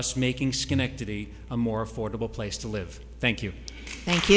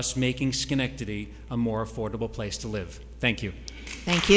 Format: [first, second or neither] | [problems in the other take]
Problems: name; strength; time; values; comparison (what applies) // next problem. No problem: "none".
second | background sound (Bowed string instrument); 14 dB below the speech